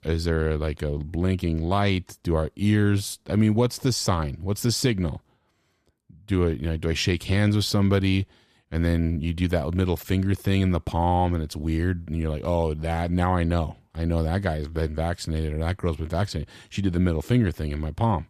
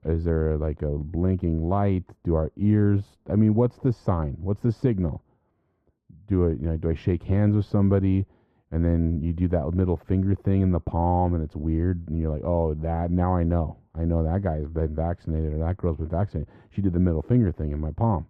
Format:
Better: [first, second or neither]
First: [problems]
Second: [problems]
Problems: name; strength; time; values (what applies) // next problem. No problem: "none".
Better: first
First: none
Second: muffled; very; fading above 2.5 kHz